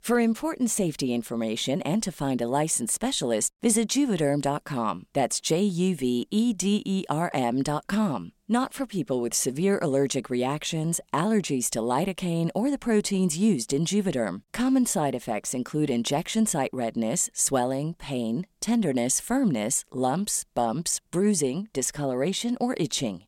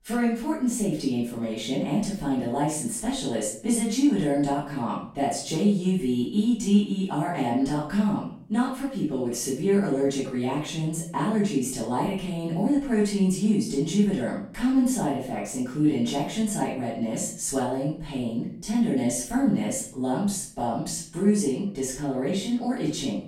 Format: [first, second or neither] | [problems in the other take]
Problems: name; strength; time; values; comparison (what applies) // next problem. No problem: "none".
first | off-mic speech; far // room echo; noticeable; dies away in 0.5 s